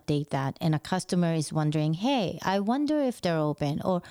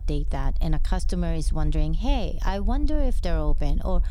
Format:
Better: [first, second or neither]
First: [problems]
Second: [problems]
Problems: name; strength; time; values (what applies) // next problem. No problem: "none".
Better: first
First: none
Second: low rumble; faint; throughout; 20 dB below the speech